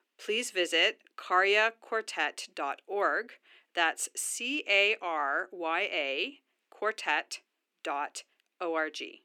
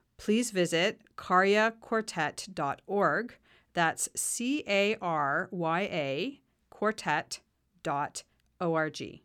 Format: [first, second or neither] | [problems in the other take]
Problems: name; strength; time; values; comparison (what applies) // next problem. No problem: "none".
second | thin; somewhat; fading below 300 Hz